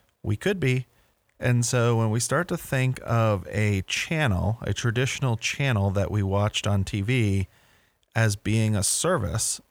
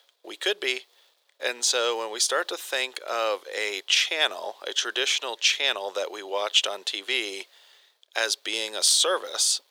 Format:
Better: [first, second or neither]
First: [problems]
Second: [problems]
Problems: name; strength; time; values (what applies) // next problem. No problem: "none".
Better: first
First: none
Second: thin; very; fading below 400 Hz